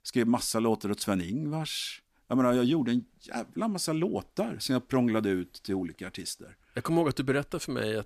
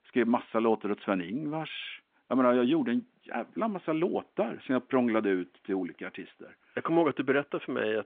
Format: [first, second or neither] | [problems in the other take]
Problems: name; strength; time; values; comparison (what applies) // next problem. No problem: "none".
first | phone-call audio